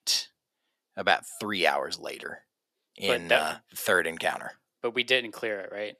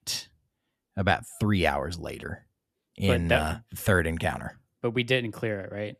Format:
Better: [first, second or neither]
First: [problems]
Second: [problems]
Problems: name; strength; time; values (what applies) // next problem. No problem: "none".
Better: second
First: thin; somewhat; fading below 400 Hz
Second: none